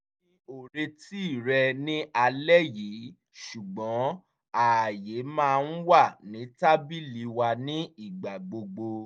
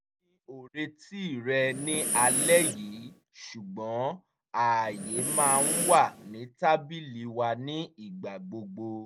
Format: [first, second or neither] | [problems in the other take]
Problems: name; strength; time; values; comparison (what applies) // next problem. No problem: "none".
first | background sound (Breathing); as loud as the speech